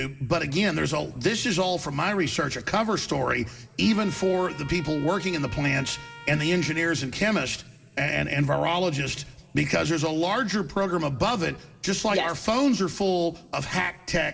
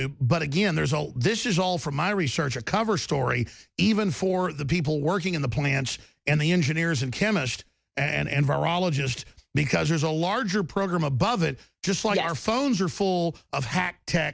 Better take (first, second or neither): second